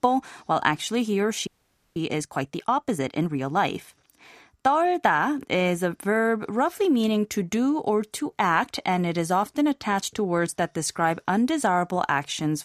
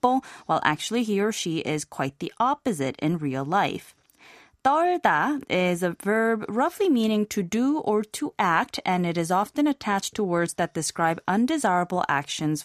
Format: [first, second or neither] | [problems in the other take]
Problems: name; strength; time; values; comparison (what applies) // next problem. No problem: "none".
second | audio freezing; at 1.5 s